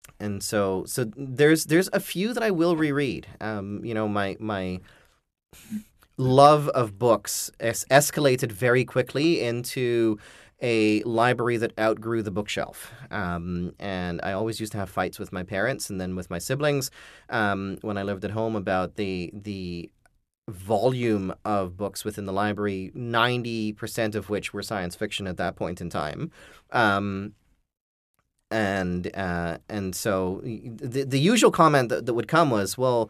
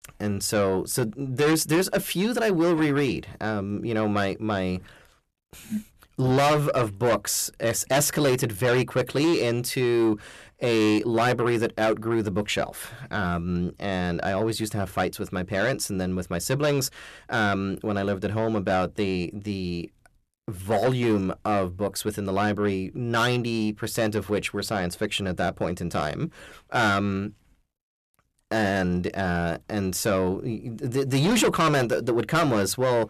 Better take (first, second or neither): first